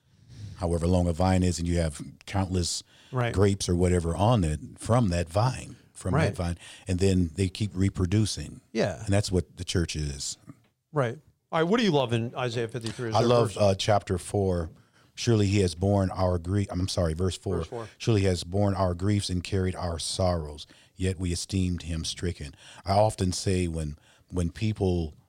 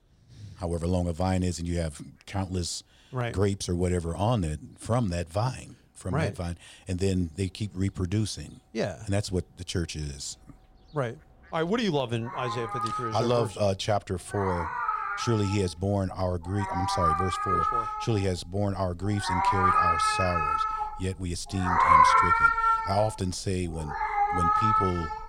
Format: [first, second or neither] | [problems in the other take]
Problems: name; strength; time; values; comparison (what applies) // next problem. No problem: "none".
first | animal sounds; very loud; throughout; 5 dB above the speech